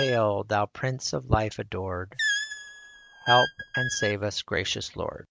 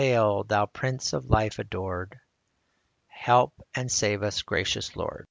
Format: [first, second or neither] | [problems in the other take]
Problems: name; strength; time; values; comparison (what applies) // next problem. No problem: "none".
second | noise reduction (neural mask model RNNoise)